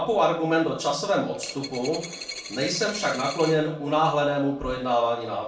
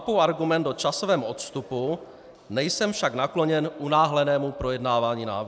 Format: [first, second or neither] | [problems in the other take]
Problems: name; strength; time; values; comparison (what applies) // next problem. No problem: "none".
second | background sound (Coin (dropping)); 13 dB below the speech // room echo; dies away in 0.4 s